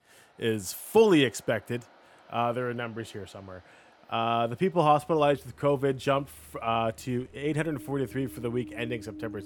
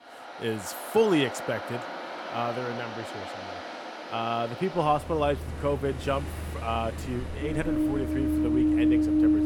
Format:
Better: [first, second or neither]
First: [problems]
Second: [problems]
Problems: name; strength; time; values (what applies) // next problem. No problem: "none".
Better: first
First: rain or running water; faint; throughout; 25 dB below the speech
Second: rain or running water; loud; throughout; 1 dB below the speech